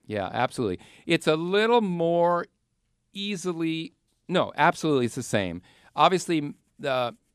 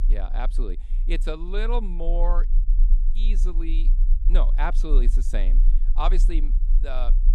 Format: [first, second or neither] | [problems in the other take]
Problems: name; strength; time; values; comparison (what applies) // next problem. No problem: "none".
first | low rumble; noticeable; throughout; 15 dB below the speech